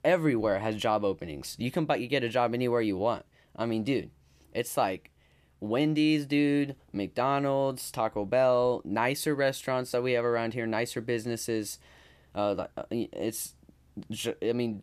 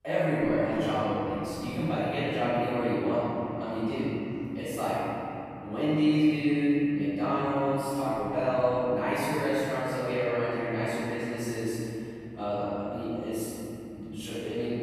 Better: first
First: none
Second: off-mic speech; far // room echo; strong; dies away in 3 s

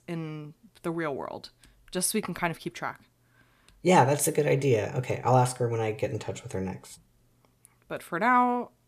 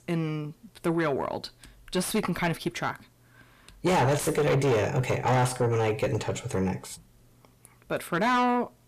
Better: first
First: none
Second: distortion; heavy; 5 dB below the speech

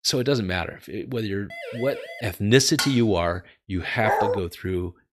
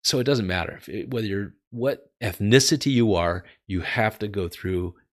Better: second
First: siren; faint; at 1.5 s; peak 10 dB below the speech // clattering dishes; noticeable; at 3 s; peak 3 dB below the speech // dog barking; loud; at 4 s; peak 1 dB above the speech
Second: none

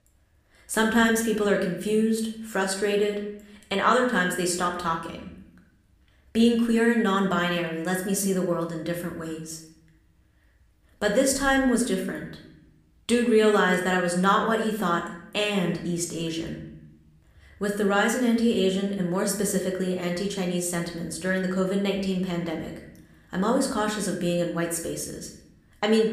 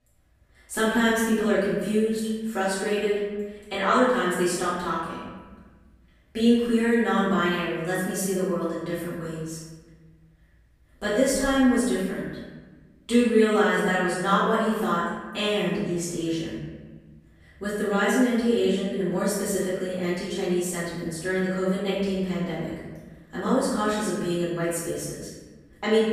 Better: first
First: room echo; slight; dies away in 0.7 s // off-mic speech; somewhat distant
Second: room echo; strong; dies away in 1.2 s // off-mic speech; far

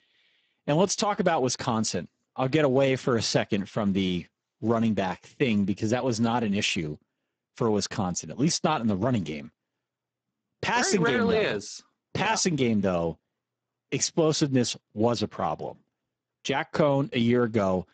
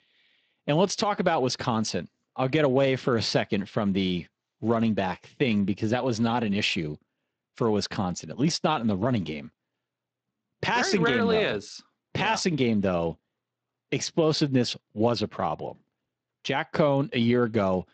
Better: second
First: garbled, watery; badly; nothing above 7.5 kHz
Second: garbled, watery; slightly

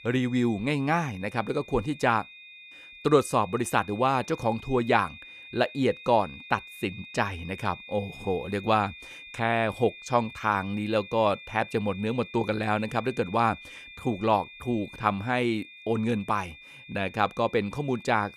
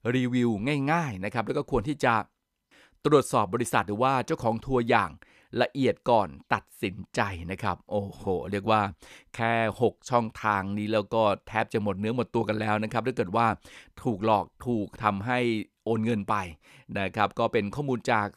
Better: second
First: high-pitched whine; noticeable; throughout; 2.5 kHz, 15 dB below the speech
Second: none

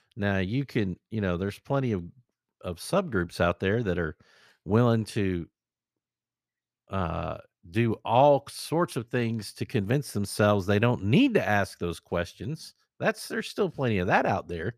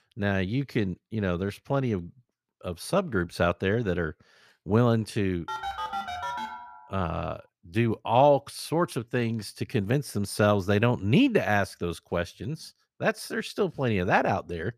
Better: first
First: none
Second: phone ringing; noticeable; from 5.5 to 7 s; peak 5 dB below the speech

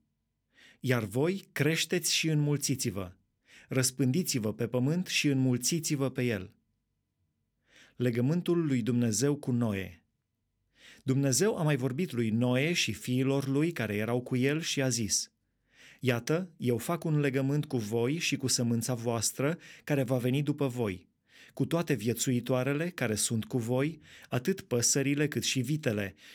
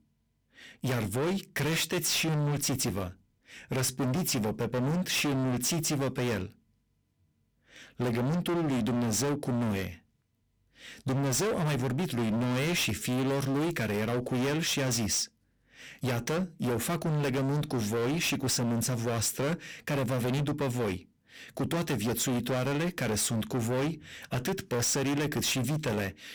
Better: first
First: none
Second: distortion; heavy; 31% of the sound clipped

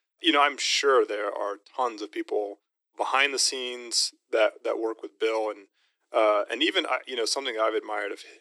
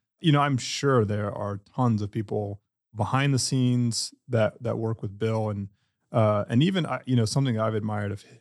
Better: second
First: thin; very; fading below 300 Hz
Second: none

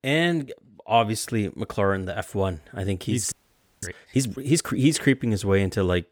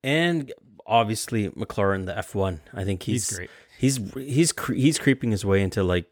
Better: second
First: audio freezing; at 3.5 s for 0.5 s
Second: none

